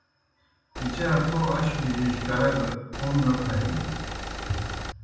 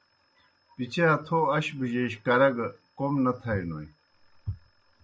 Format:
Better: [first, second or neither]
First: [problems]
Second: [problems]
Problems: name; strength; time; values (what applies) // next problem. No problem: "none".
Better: second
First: background sound (Engine); 6 dB below the speech // room echo; dies away in 1.2 s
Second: none